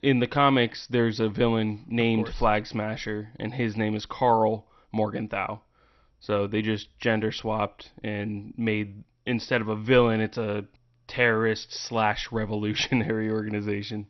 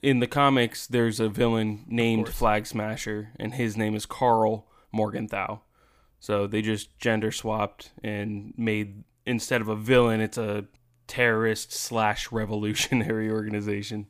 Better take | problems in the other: second | garbled, watery; slightly; nothing above 6 kHz

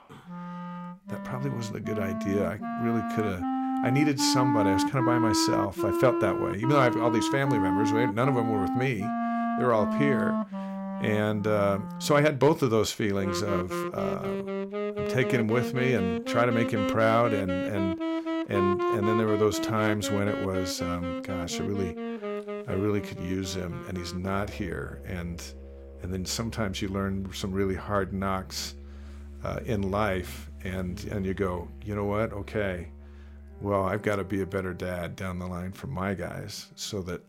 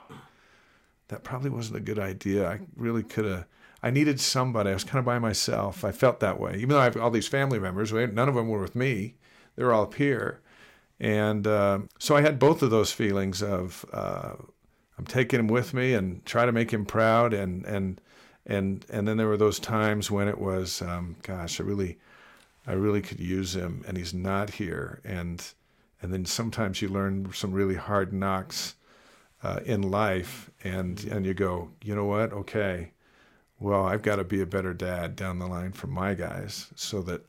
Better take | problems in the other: second | background music; loud; throughout; 2 dB below the speech

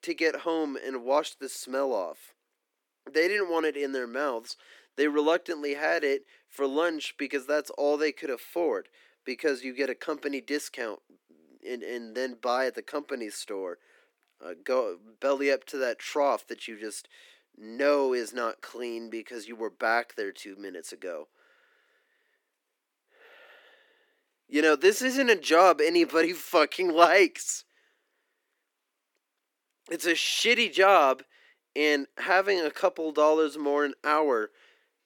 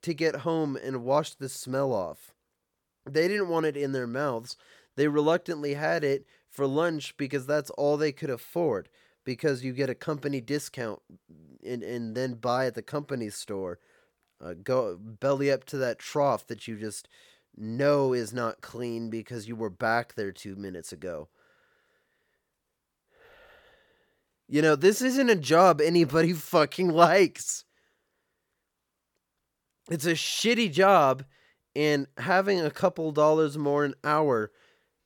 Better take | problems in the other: second | thin; very slightly; fading below 250 Hz

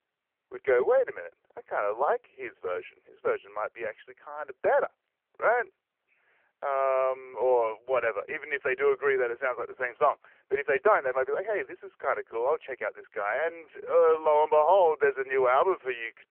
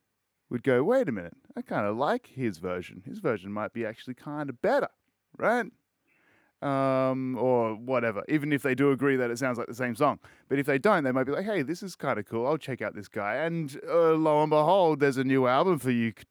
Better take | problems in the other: second | phone-call audio; poor line

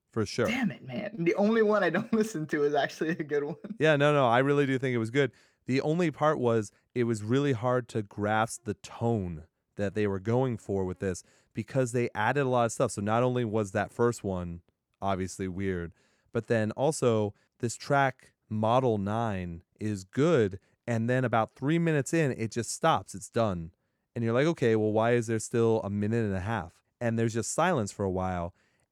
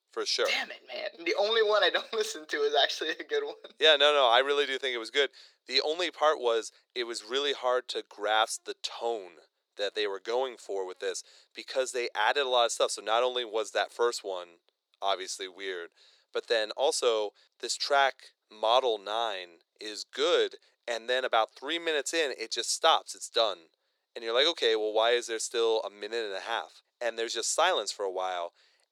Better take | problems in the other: first | thin; very; fading below 400 Hz

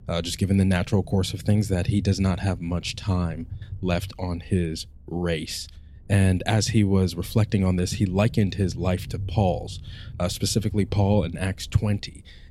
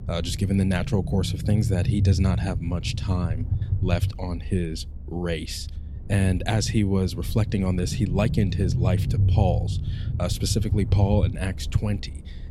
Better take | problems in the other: first | low rumble; loud; throughout; 10 dB below the speech; faint in the first

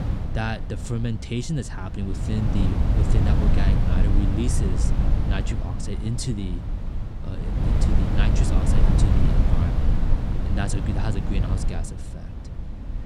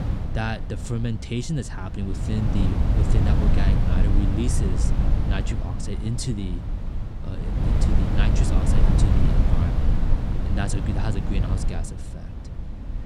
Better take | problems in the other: neither | wind noise on the microphone; heavy; as loud as the speech; the same in both

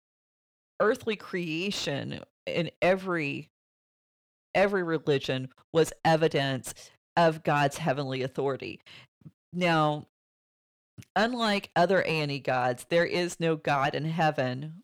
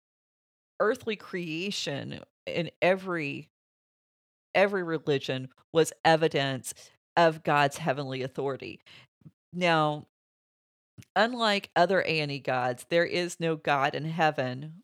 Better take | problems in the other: second | distortion; slight; 10 dB below the speech

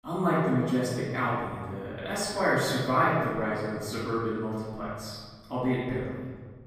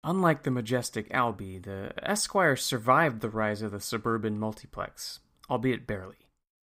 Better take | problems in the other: second | room echo; strong; dies away in 1.8 s // off-mic speech; far

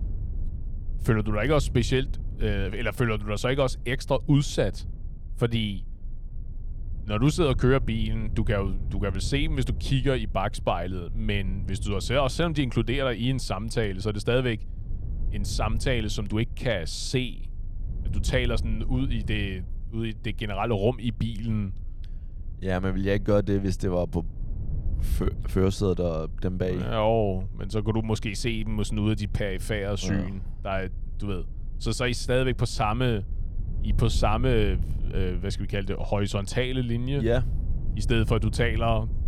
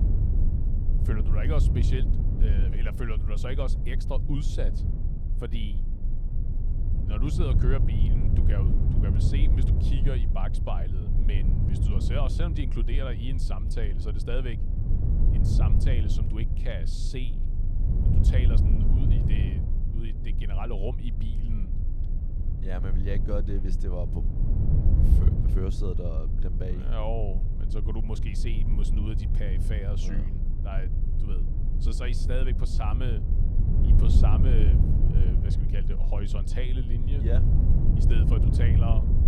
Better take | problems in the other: first | low rumble; loud; throughout; 2 dB below the speech; faint in the first

